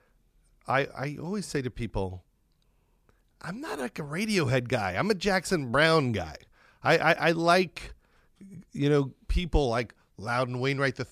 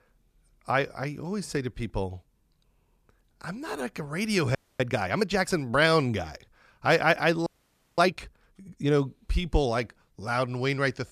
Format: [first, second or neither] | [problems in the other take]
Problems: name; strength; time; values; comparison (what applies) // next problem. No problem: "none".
first | audio freezing; at 4.5 s and at 7.5 s for 0.5 s